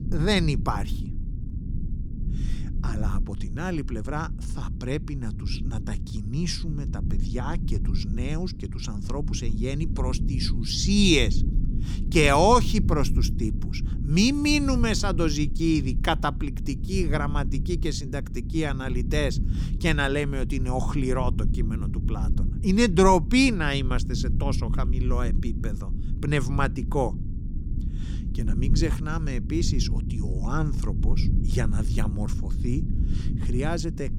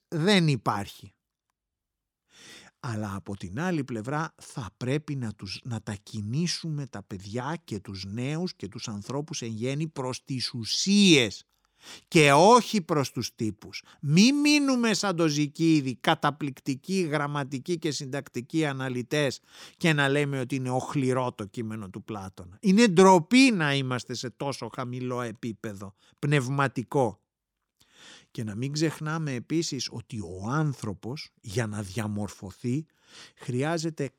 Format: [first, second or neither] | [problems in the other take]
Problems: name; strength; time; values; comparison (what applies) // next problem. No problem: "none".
second | low rumble; noticeable; throughout; 15 dB below the speech